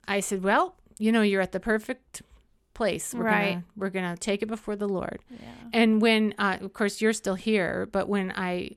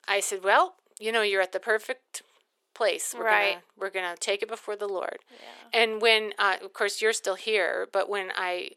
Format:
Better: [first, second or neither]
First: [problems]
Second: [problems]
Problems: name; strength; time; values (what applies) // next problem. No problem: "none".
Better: first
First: none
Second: thin; very; fading below 400 Hz